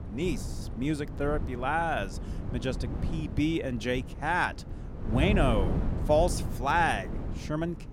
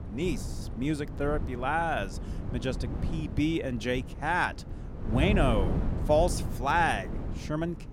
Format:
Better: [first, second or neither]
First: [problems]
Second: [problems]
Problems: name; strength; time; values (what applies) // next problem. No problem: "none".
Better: neither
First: wind noise on the microphone; occasional gusts; 15 dB below the speech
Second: wind noise on the microphone; occasional gusts; 15 dB below the speech